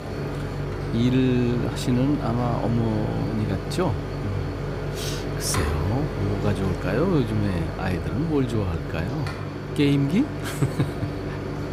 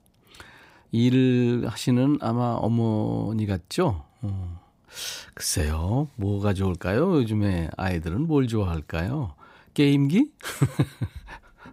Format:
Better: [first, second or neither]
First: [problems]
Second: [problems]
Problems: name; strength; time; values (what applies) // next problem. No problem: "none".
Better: second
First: household noises; loud; throughout; 4 dB below the speech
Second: none